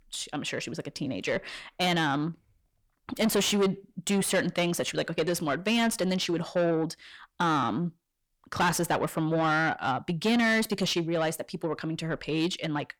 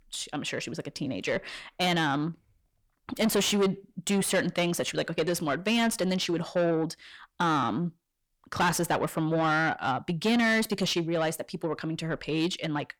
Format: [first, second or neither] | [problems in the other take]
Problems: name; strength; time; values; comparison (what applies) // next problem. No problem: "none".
neither | distortion; heavy; 7 dB below the speech; the same in both